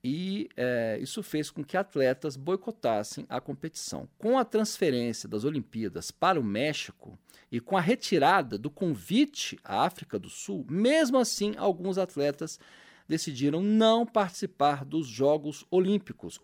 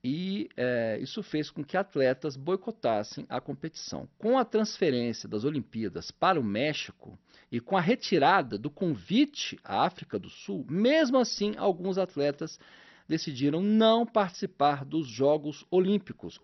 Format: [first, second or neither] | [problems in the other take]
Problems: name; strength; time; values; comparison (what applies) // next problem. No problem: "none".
first | garbled, watery; slightly; nothing above 6 kHz